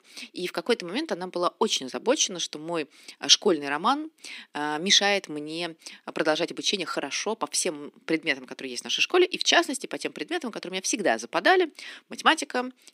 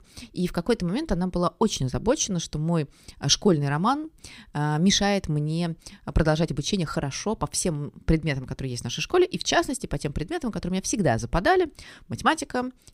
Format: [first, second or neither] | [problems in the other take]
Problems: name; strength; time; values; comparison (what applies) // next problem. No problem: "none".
second | thin; somewhat; fading below 250 Hz